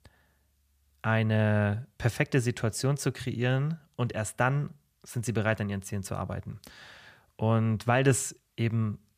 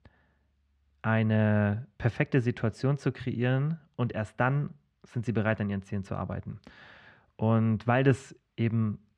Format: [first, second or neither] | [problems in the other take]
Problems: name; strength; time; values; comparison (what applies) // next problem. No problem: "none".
first | muffled; slightly; fading above 3 kHz